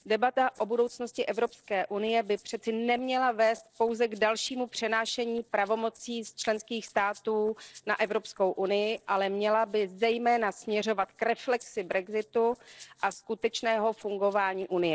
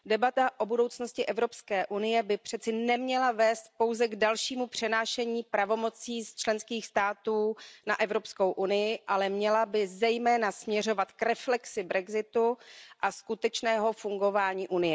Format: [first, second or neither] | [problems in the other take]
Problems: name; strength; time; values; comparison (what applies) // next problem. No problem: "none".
second | noise reduction (neural separator model SepFormer DNS4)